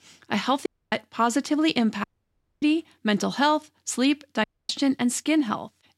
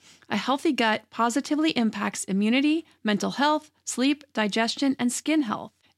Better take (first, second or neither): second